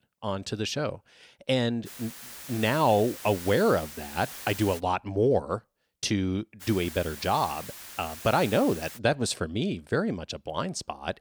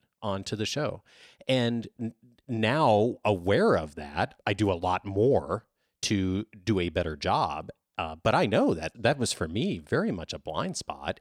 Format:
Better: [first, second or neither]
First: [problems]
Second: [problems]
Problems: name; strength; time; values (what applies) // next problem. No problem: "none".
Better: second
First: hiss; noticeable; from 2 to 5 s and from 6.5 to 9 s; 10 dB below the speech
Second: none